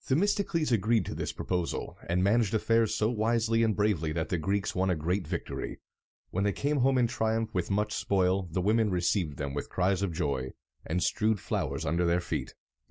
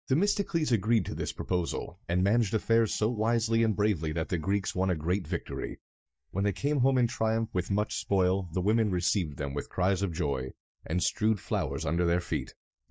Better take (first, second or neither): first